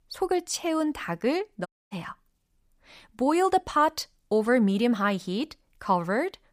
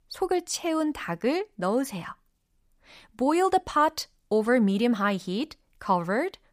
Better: second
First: audio cutting out; at 1.5 s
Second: none

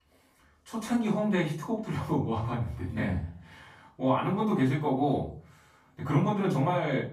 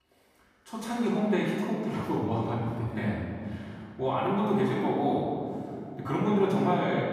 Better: first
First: room echo; slight; dies away in 0.4 s // off-mic speech; far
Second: room echo; strong; dies away in 2.4 s // off-mic speech; far

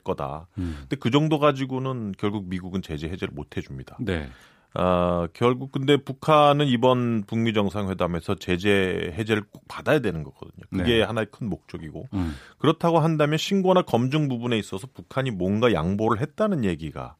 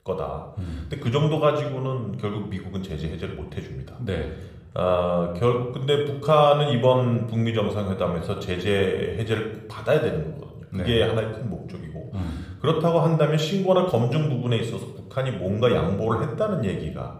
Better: first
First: none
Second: room echo; slight; dies away in 0.7 s

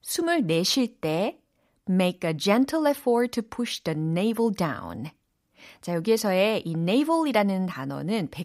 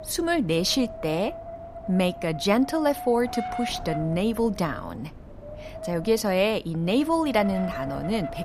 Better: first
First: none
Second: wind noise on the microphone; heavy; 9 dB below the speech

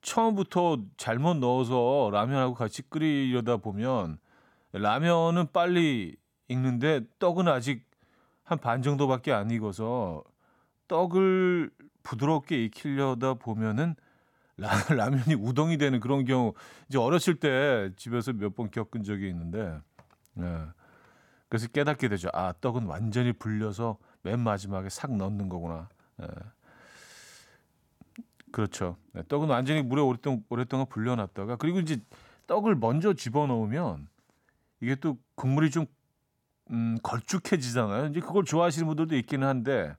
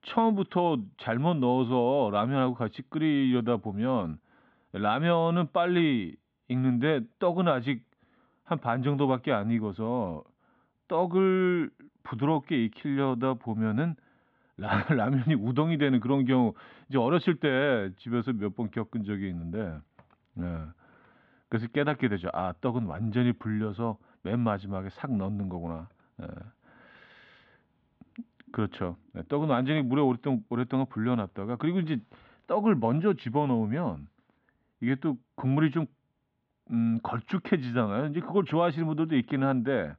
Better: first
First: none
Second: muffled; very; fading above 3.5 kHz

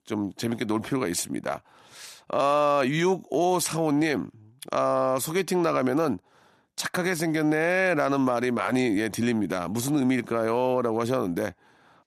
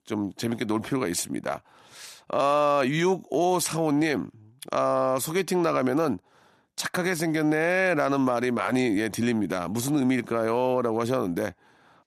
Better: neither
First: none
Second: none

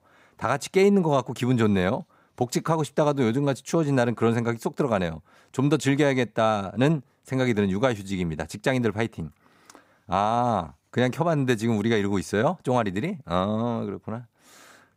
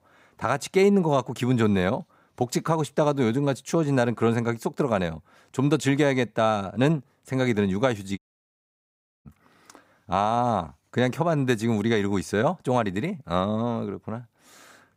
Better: first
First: none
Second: audio cutting out; at 8 s for 1 s

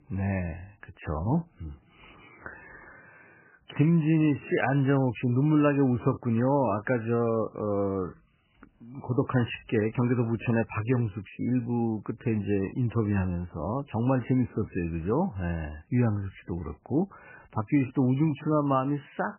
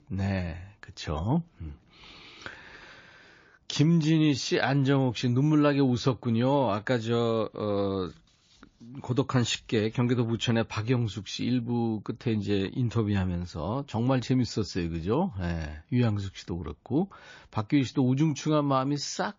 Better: second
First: garbled, watery; badly; nothing above 3 kHz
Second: garbled, watery; slightly; nothing above 7 kHz

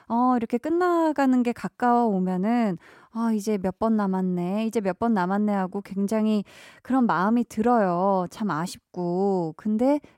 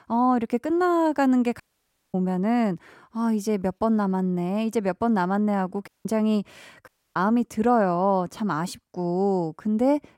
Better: first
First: none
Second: audio cutting out; at 1.5 s for 0.5 s, at 6 s and at 7 s

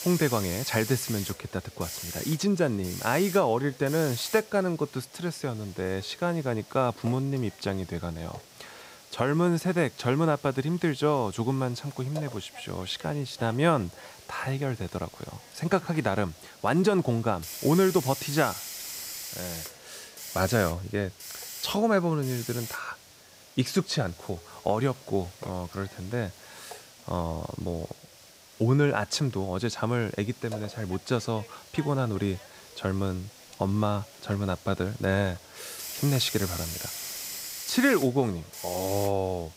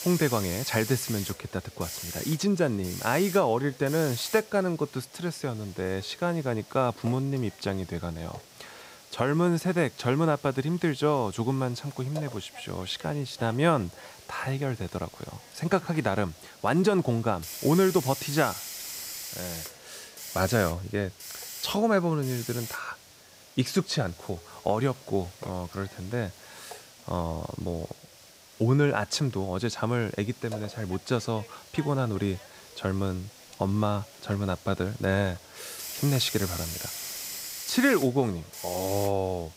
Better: neither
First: hiss; noticeable; throughout; 10 dB below the speech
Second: hiss; noticeable; throughout; 10 dB below the speech

